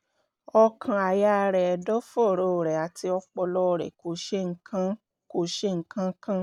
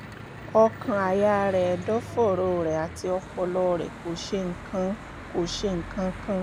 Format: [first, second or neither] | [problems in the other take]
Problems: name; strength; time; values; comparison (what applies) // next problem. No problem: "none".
first | background sound (Church bell / Traffic noise, roadway noise); 12 dB below the speech